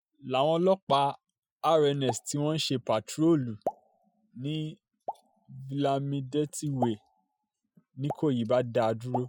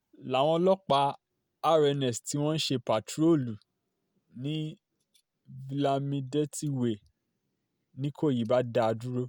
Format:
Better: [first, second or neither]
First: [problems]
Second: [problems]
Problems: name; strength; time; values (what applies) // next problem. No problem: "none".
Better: second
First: noise reduction (classical method Wiener filter)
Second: none